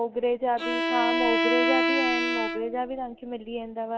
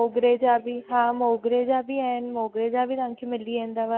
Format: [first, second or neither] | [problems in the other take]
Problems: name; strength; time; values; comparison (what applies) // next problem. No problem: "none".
second | background sound (Bowed string instrument); 2 dB above the speech